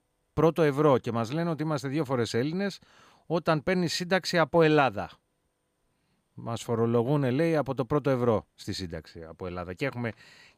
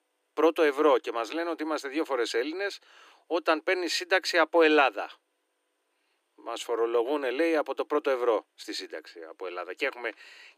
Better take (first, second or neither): first